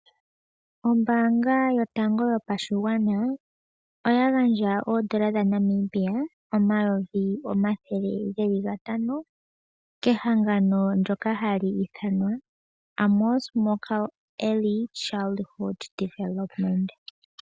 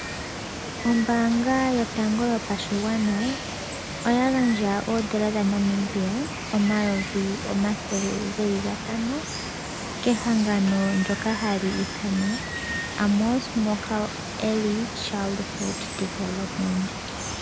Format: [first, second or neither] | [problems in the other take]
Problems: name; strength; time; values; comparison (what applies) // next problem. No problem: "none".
first | background sound (Water); 7 dB below the speech